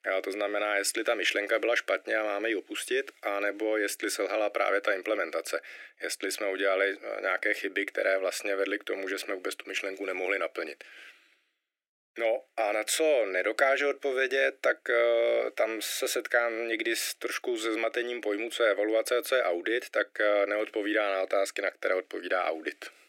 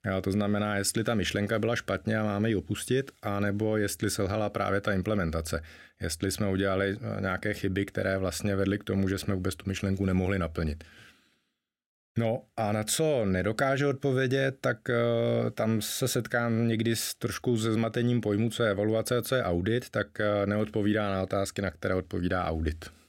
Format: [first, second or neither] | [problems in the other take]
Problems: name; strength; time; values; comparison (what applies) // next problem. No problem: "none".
second | thin; very; fading below 300 Hz